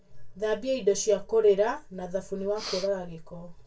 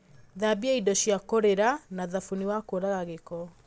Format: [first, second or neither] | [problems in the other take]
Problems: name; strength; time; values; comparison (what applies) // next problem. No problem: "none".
second | background sound (Breathing); 14 dB below the speech // room echo; dies away in 0.2 s